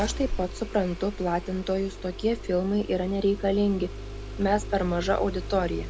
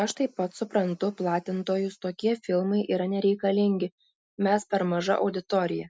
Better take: second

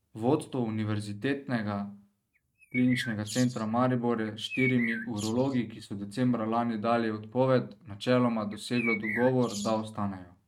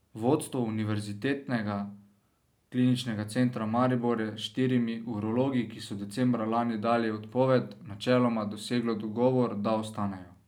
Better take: second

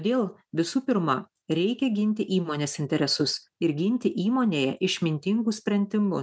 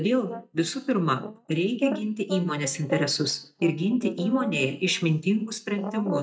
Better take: first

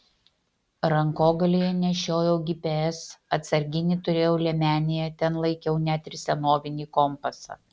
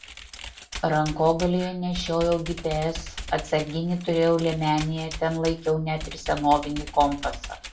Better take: first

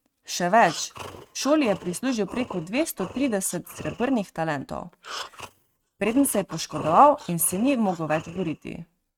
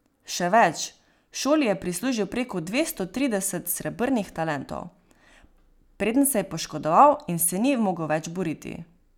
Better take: second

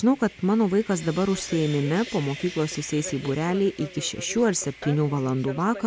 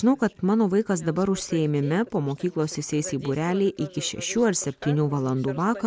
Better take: second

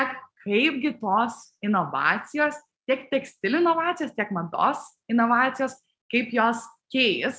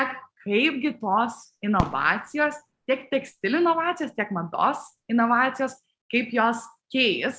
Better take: first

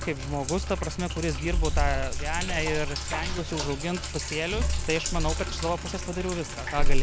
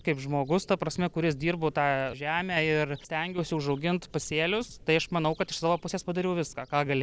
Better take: second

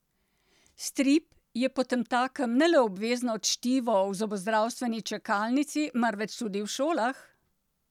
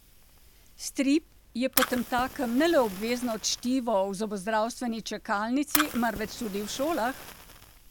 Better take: first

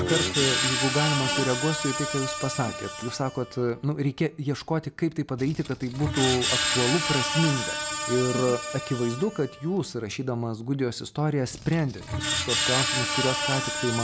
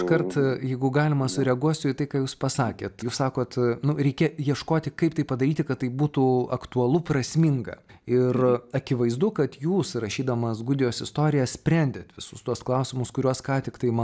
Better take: second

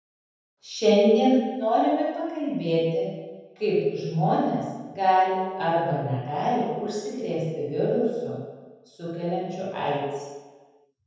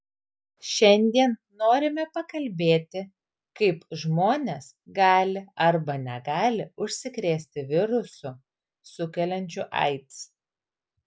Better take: second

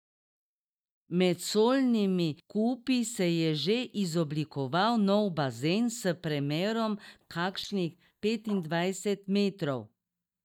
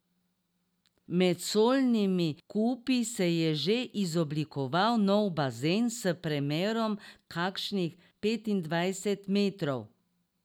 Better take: second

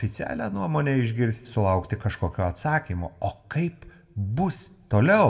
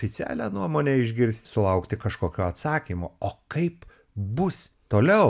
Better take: second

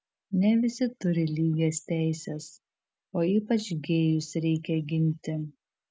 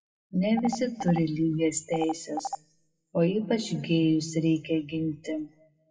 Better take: first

